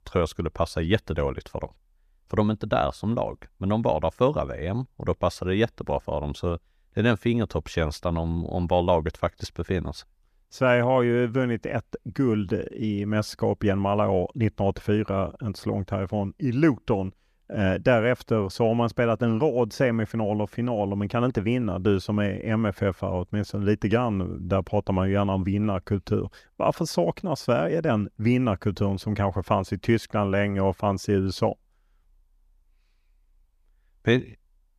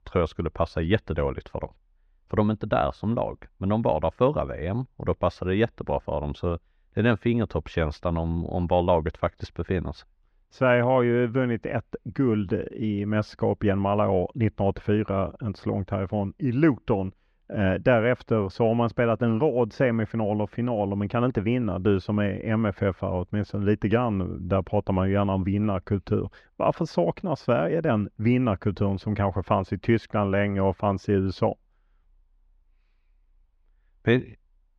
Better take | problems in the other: first | muffled; slightly; fading above 3 kHz

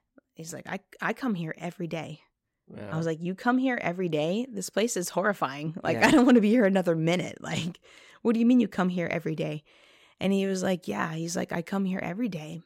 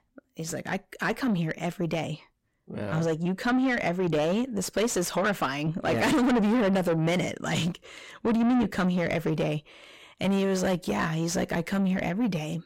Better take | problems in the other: first | distortion; heavy; 5 dB below the speech

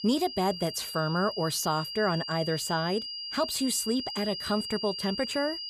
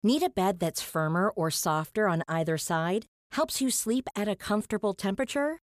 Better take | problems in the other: second | high-pitched whine; loud; throughout; 4.5 kHz, 6 dB below the speech

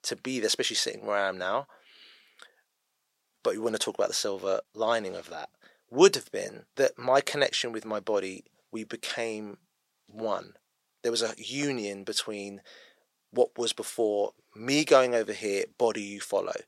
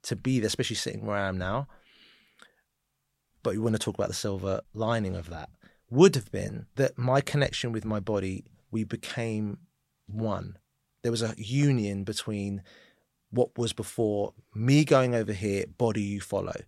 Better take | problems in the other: second | thin; somewhat; fading below 450 Hz

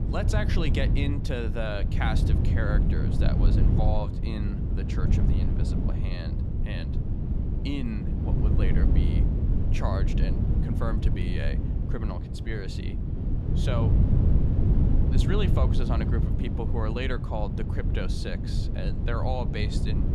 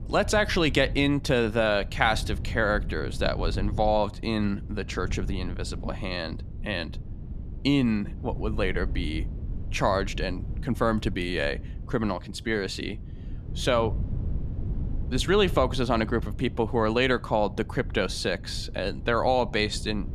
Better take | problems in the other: second | low rumble; loud; throughout; 3 dB below the speech; faint in the second

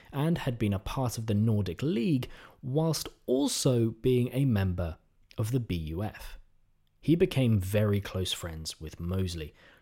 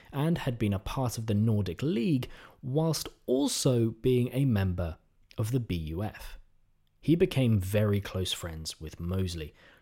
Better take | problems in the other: neither | none

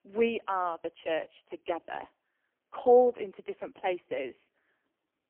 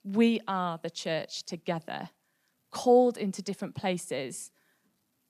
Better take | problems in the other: second | phone-call audio; poor line; nothing above 3 kHz

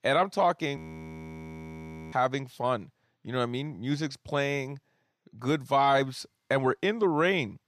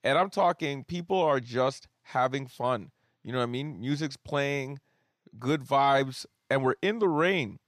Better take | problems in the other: second | audio freezing; at 1 s for 1.5 s

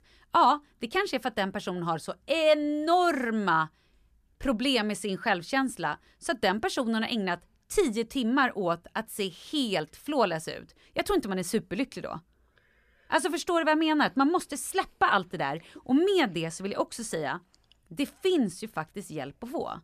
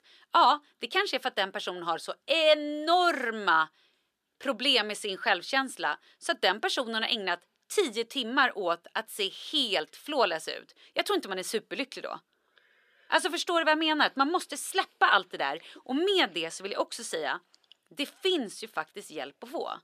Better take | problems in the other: first | thin; somewhat; fading below 400 Hz

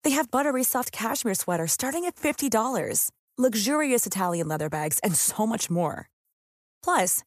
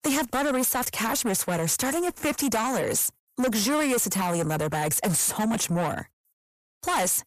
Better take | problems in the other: first | distortion; heavy; 7 dB below the speech

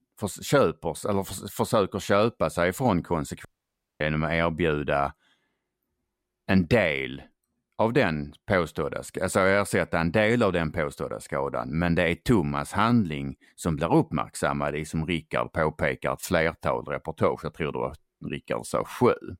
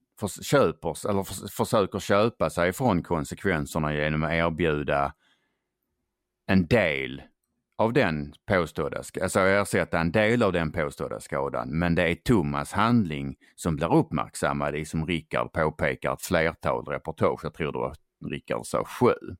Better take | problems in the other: second | audio cutting out; at 3.5 s for 0.5 s

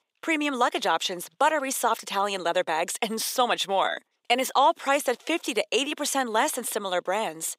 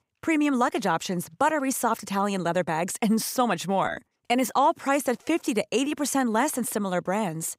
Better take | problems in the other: second | thin; somewhat; fading below 450 Hz

